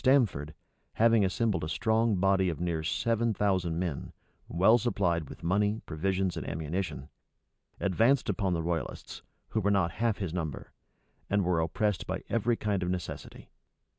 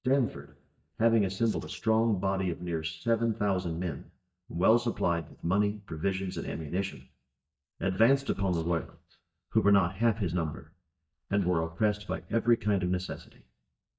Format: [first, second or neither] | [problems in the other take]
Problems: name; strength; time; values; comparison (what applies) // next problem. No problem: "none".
first | noise reduction (neural mask model DeepFilterNet 3)